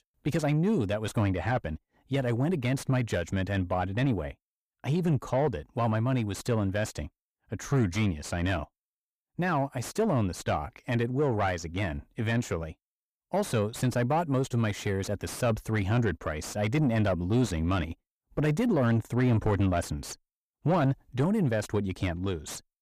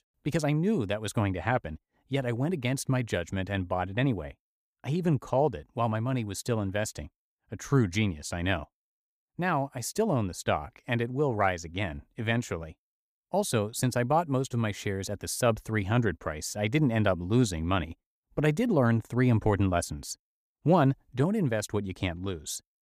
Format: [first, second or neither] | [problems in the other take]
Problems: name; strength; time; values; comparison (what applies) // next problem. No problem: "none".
second | distortion; slight; 10 dB below the speech